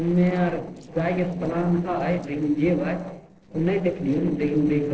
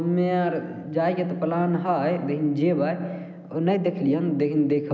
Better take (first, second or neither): second